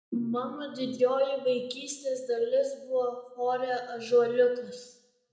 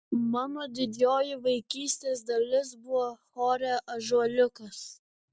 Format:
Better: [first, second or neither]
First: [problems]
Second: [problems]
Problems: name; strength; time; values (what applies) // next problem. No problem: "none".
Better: second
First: room echo; dies away in 0.8 s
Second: none